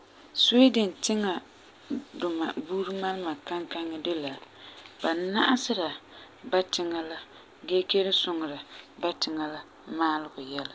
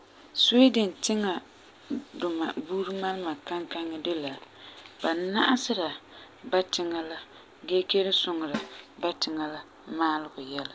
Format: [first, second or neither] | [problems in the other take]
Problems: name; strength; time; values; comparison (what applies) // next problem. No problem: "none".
first | background sound (Snare drum); 12 dB below the speech